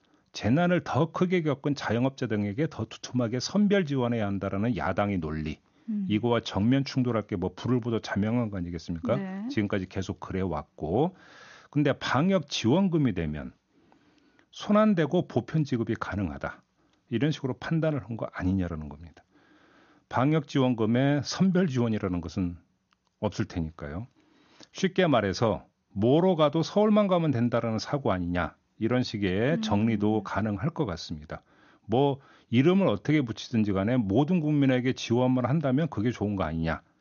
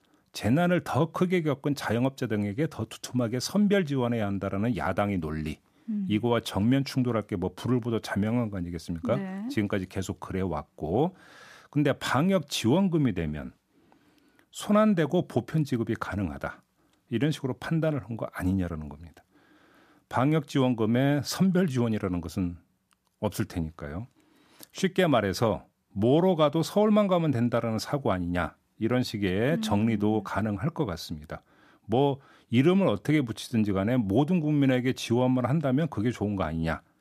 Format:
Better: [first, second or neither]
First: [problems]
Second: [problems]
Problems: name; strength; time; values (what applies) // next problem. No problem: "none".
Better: second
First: garbled, watery; slightly; nothing above 6.5 kHz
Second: none